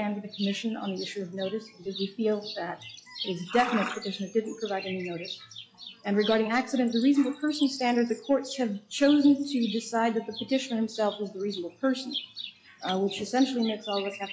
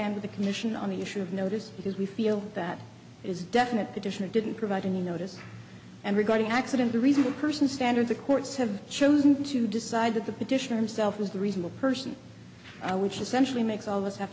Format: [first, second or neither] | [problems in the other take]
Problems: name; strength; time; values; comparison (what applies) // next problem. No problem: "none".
second | noise reduction (classical method log-MMSE)